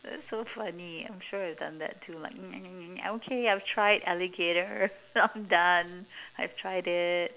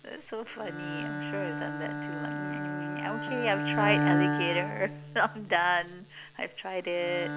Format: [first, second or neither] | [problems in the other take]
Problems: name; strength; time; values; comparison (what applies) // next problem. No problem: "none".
first | background sound (Bowed string instrument); 1 dB below the speech